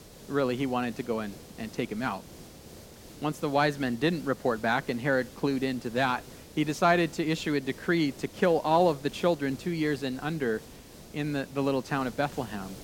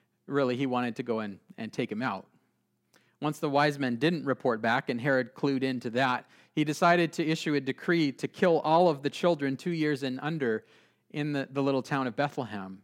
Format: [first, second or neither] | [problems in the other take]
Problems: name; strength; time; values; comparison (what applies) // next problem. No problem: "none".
second | hiss; noticeable; throughout; 20 dB below the speech